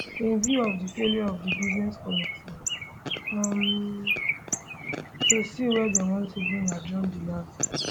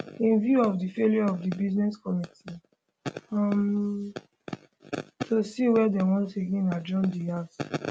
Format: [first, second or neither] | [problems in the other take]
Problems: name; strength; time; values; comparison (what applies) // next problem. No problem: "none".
second | background sound (Bird); 3 dB below the speech